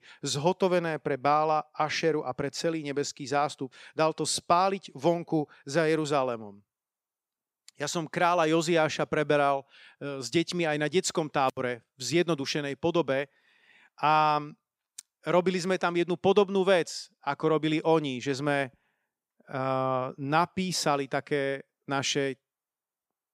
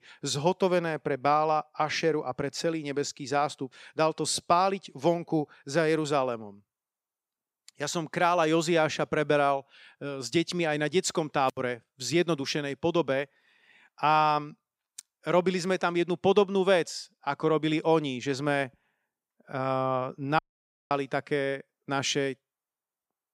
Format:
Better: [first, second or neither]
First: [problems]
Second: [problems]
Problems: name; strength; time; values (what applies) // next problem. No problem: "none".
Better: first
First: none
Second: audio cutting out; at 20 s for 0.5 s